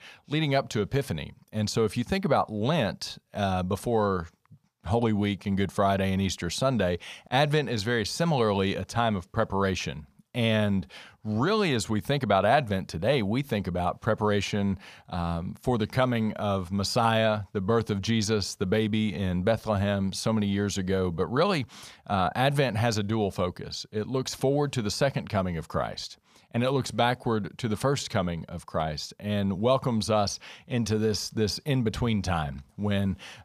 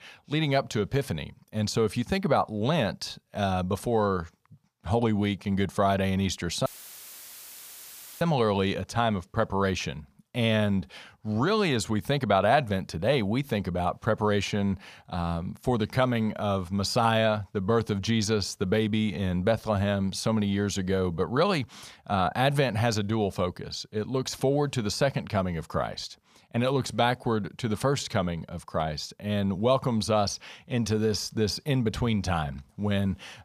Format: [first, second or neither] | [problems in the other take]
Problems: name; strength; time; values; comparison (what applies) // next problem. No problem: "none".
first | audio cutting out; filled with static; at 6.5 s for 1.5 s